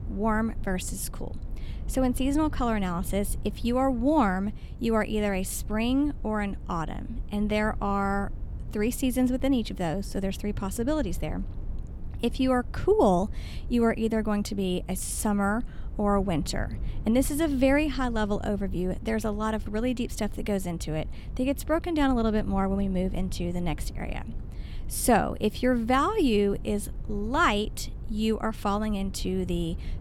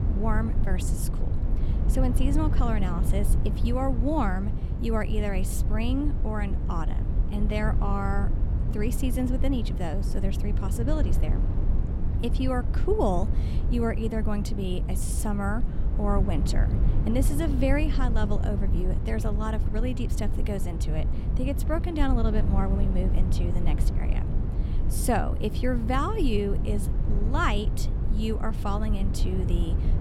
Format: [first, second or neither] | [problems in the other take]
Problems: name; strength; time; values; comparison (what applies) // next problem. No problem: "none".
first | low rumble; loud; throughout; 9 dB below the speech; faint in the first